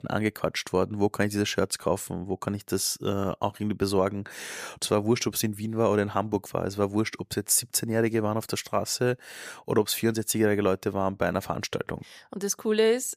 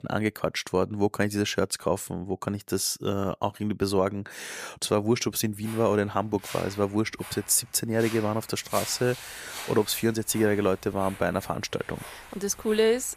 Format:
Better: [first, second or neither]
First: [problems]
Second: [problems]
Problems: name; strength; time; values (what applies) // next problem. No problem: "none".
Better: first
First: none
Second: footsteps; noticeable; from 5.5 s on; peak 7 dB below the speech